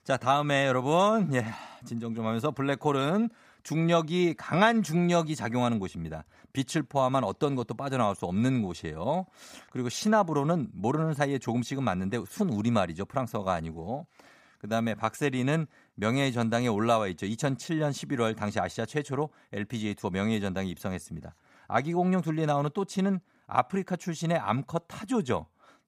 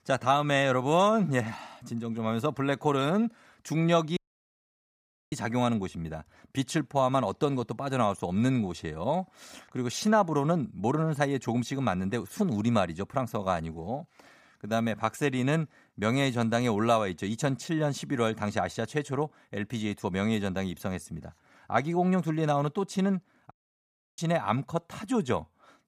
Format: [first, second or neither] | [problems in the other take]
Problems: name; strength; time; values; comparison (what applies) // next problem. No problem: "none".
first | audio cutting out; at 4 s for 1 s and at 24 s for 0.5 s